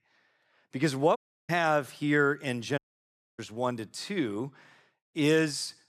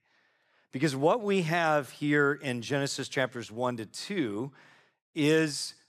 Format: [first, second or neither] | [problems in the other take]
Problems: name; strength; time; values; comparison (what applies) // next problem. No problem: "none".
second | audio cutting out; at 1 s and at 3 s for 0.5 s